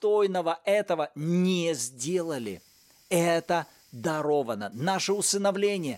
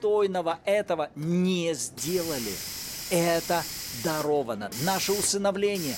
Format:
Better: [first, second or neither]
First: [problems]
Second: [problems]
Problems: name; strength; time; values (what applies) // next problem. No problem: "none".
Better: first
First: hiss; faint; throughout; 30 dB below the speech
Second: hiss; loud; throughout; 6 dB below the speech